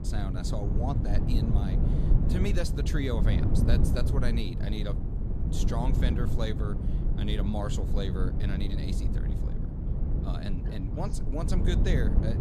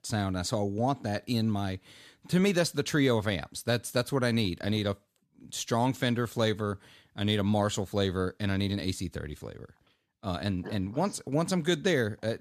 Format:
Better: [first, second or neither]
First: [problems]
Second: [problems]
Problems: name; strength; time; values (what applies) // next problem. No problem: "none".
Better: second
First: wind noise on the microphone; heavy; 3 dB below the speech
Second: none